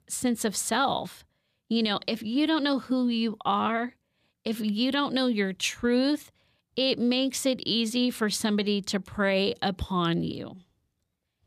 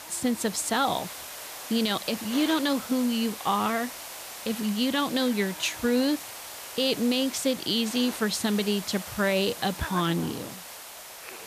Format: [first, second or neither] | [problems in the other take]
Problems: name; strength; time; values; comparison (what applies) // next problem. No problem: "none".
first | hiss; noticeable; throughout; 10 dB below the speech